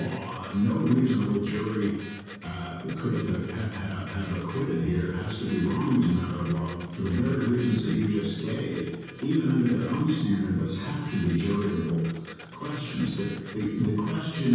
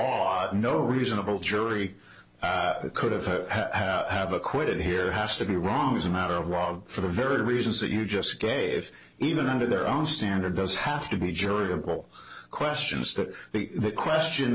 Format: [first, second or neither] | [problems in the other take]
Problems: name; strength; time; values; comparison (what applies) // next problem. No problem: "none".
second | background sound (Printer); 19 dB below the speech // room echo; dies away in 1.2 s